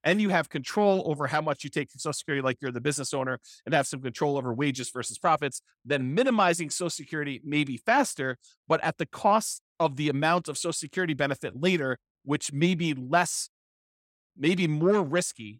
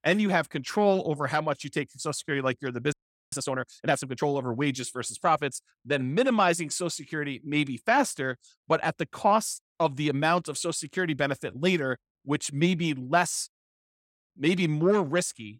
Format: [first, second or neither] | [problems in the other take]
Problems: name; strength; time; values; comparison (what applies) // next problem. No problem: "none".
first | audio freezing; at 3 s